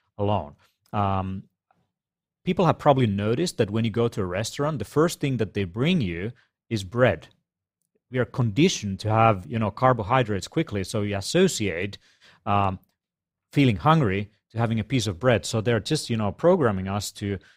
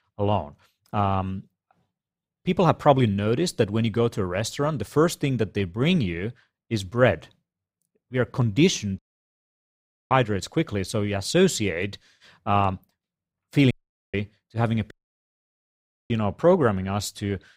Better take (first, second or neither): first